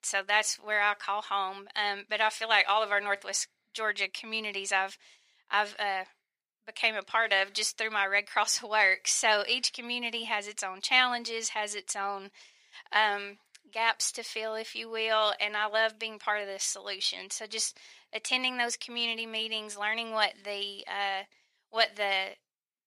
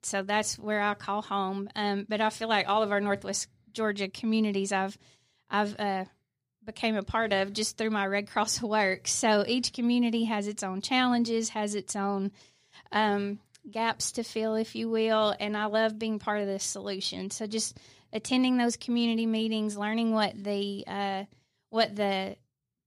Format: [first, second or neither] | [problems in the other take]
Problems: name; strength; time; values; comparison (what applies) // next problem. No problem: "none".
second | thin; very; fading below 700 Hz